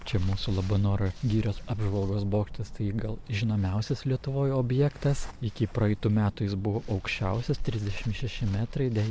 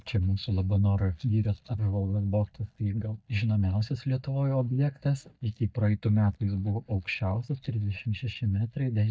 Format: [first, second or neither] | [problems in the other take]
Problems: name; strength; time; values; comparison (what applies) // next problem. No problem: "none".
first | noise reduction (neural mask model DeepFilterNet 3)